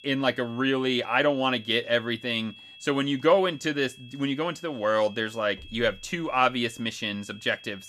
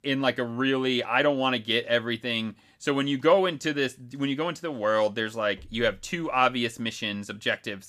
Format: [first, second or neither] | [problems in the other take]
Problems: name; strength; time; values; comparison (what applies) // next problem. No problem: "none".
second | high-pitched whine; faint; throughout; 3.5 kHz, 20 dB below the speech